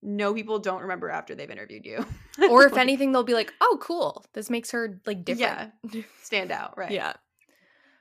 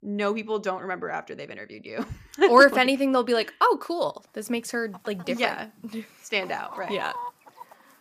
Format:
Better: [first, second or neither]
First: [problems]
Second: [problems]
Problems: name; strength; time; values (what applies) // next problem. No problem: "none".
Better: first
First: none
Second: animal sounds; noticeable; throughout; 15 dB below the speech